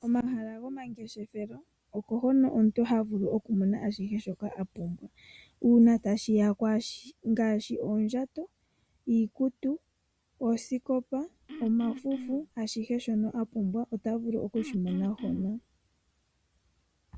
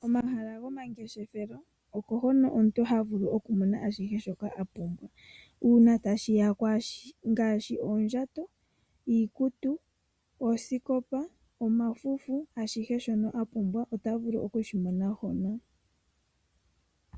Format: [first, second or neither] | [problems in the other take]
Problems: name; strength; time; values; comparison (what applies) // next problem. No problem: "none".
second | background sound (Cough); 13 dB below the speech